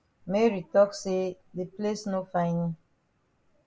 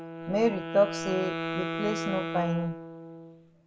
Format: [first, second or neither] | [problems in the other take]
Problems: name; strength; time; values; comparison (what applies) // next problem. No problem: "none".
first | background sound (Wind instrument, woodwind instrument); 5 dB below the speech